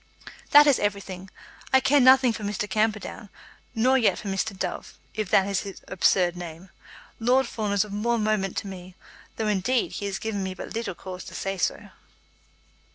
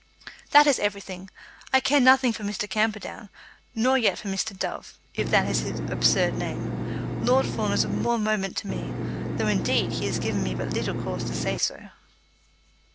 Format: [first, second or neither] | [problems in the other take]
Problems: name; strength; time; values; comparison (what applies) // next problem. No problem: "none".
first | background sound (Engine); 2 dB below the speech